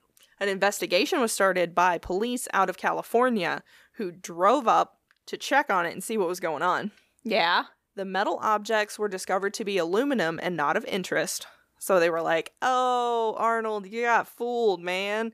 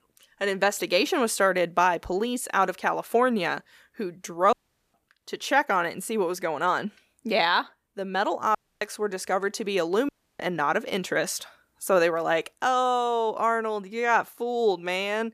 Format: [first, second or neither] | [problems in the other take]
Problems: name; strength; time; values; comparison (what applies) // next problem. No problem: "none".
first | audio cutting out; at 4.5 s, at 8.5 s and at 10 s